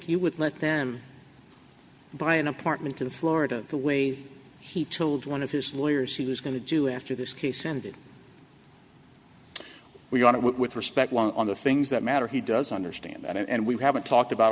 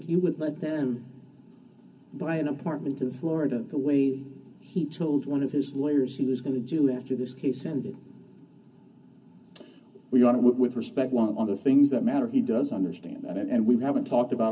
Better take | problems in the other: first | room echo; dies away in 0.4 s

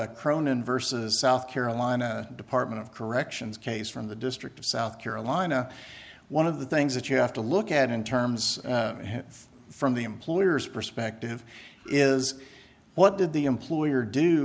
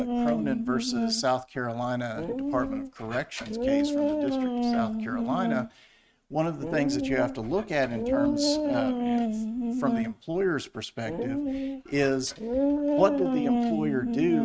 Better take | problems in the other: first | noise reduction (neural mask model RNNoise)

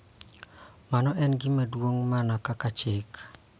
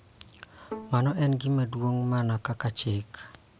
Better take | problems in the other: first | background sound (Bowed string instrument); 18 dB below the speech

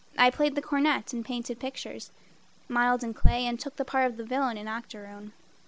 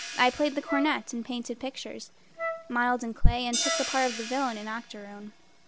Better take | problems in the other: first | background sound (Hi-hat + Wind instrument, woodwind instrument); 9 dB below the speech

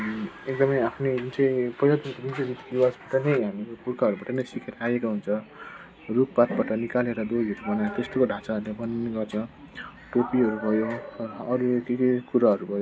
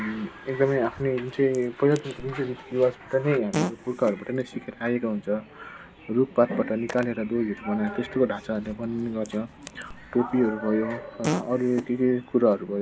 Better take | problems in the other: first | background sound (Fart); 13 dB below the speech

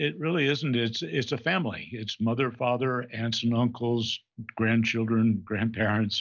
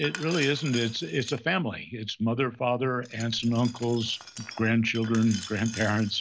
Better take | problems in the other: first | background sound (Glass); 16 dB below the speech

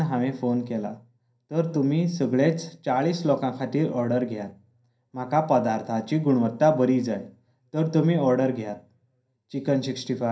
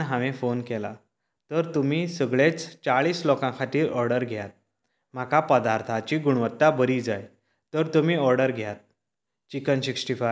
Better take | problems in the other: second | room echo; dies away in 0.3 s

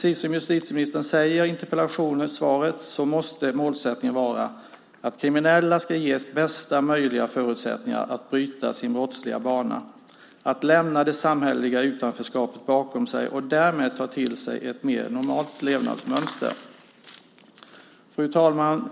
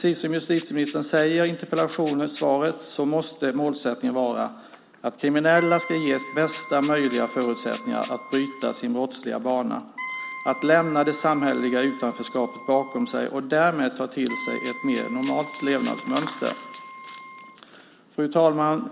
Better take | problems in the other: first | background sound (Rattle (instrument) + Wind instrument, woodwind instrument); 15 dB below the speech

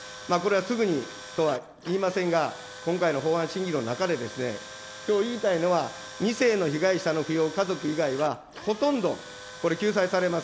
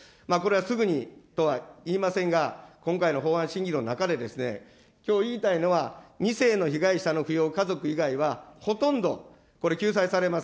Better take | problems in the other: second | background sound (Tools); 15 dB below the speech

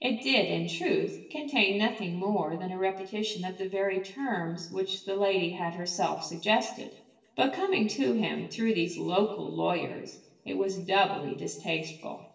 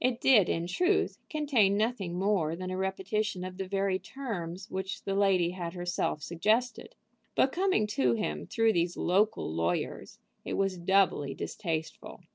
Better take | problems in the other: second | room echo; dies away in 0.9 s

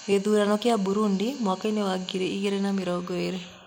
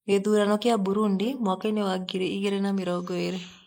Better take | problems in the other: first | noise reduction (neural mask model Resemble Enhance denoiser)

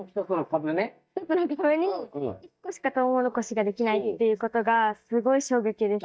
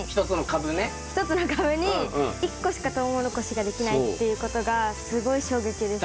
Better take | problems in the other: second | noise reduction (neural mask model DeepFilterNet 3)

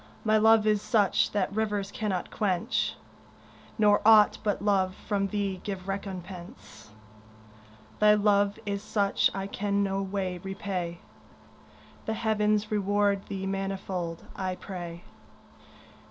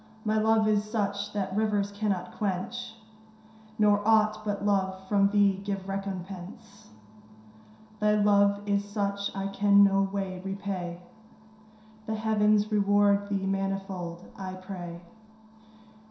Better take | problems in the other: first | room echo; dies away in 0.7 s

